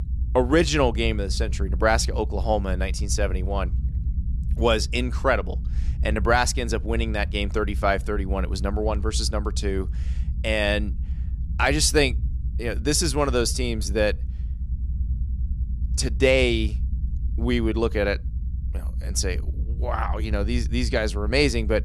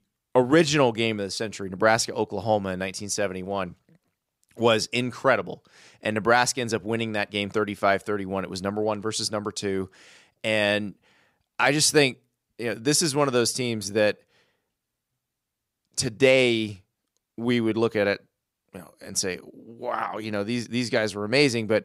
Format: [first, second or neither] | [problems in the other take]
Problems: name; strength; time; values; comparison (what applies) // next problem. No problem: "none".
second | low rumble; faint; throughout; 20 dB below the speech